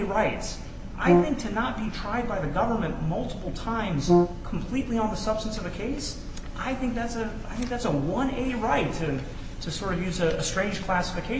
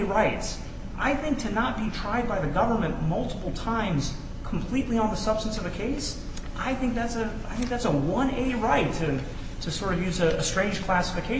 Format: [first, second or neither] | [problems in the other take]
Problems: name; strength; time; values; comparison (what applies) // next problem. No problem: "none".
second | background sound (Brass instrument); 3 dB above the speech